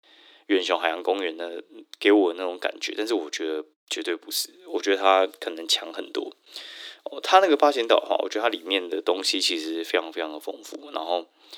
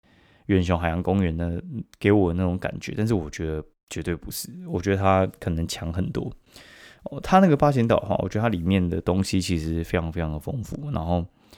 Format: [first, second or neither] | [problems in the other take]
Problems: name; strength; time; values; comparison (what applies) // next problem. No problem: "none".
second | thin; very; fading below 300 Hz